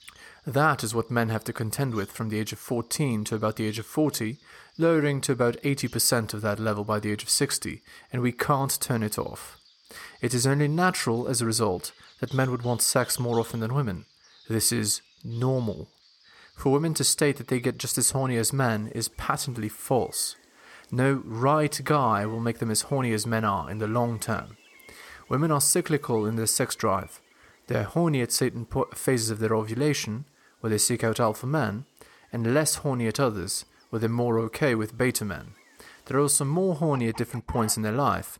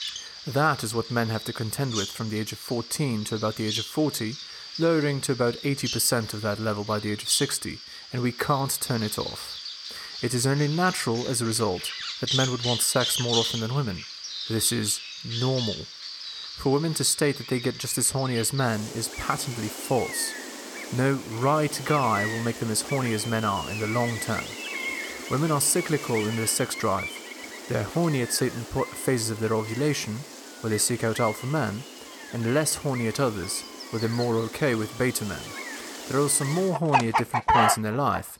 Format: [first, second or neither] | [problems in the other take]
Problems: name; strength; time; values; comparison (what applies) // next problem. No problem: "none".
first | animal sounds; loud; throughout; 6 dB below the speech; faint in the first